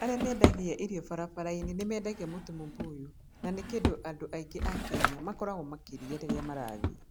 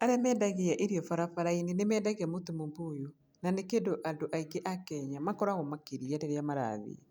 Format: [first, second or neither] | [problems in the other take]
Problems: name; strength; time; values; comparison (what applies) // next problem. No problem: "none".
second | background sound (Drawer open or close); 2 dB above the speech